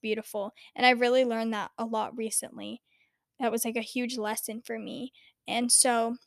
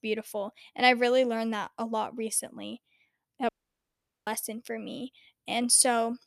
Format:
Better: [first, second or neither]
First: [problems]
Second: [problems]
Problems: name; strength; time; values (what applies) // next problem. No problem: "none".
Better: first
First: none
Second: audio cutting out; at 3.5 s for 1 s